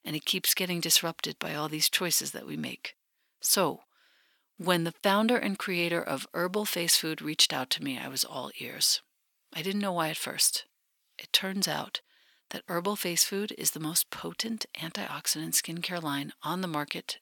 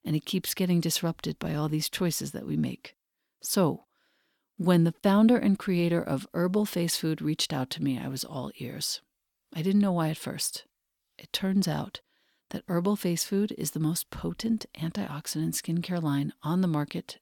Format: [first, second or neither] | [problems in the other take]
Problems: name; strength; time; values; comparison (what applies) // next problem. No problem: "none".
second | thin; somewhat; fading below 1 kHz